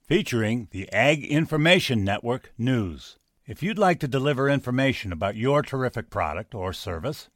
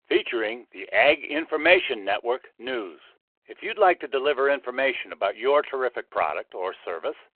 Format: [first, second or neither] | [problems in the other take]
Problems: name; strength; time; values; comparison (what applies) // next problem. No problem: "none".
first | phone-call audio